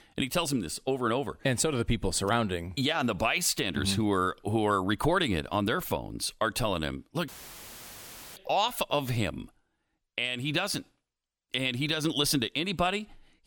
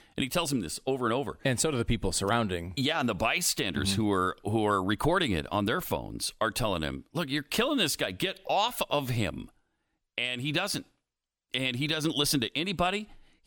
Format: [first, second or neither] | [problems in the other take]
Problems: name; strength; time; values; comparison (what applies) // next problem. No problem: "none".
second | audio cutting out; filled with static; at 7.5 s for 1 s